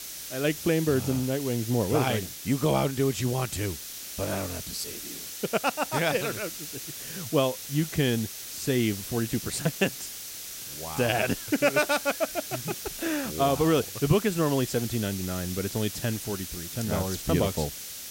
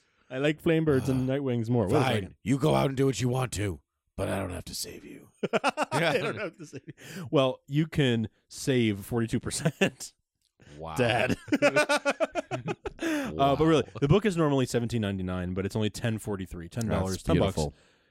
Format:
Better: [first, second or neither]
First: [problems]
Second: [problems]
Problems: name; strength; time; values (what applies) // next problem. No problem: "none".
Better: second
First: hiss; loud; throughout; 8 dB below the speech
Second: none